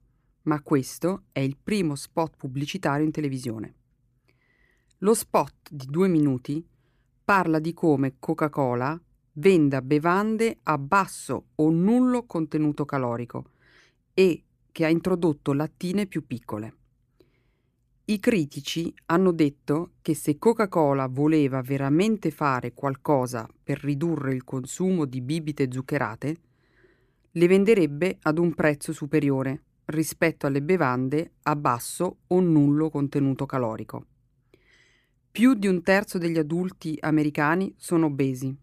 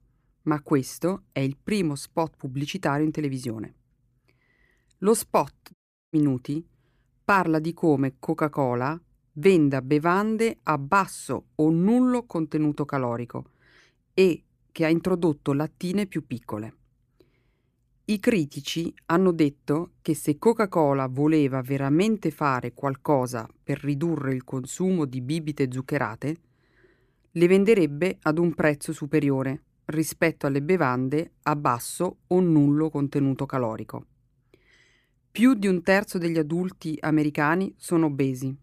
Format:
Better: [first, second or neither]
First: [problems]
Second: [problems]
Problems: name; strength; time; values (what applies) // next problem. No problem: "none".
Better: first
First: none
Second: audio cutting out; at 5.5 s